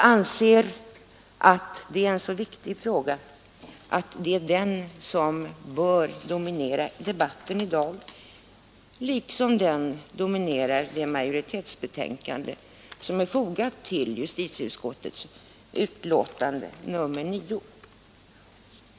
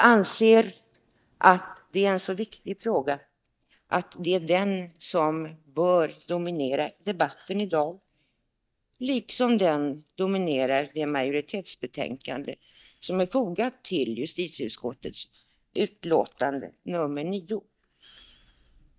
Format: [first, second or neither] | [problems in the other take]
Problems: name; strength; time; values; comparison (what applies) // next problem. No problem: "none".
first | noise reduction (neural mask model DeepFilterNet 3)